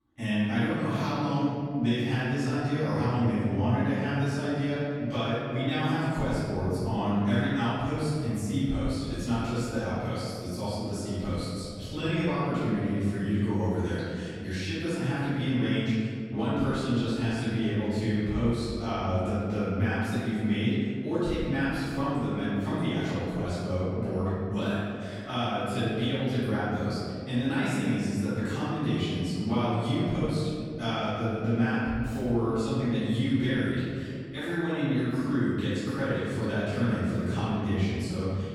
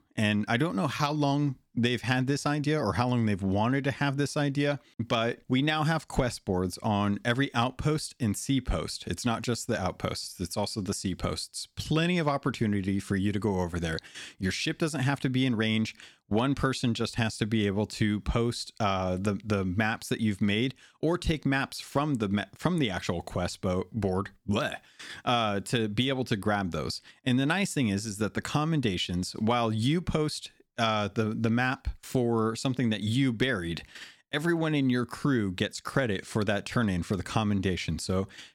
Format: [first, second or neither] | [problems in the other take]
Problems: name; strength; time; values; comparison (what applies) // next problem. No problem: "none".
second | off-mic speech; far // room echo; strong; dies away in 2.6 s